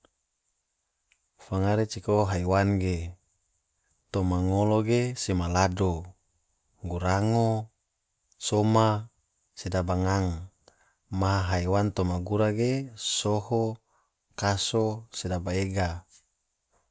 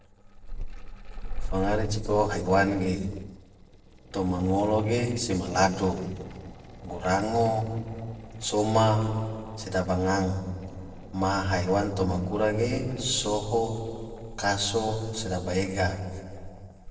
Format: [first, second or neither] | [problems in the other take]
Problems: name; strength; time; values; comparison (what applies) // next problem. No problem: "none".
first | noise reduction (neural separator model SepFormer DNS4)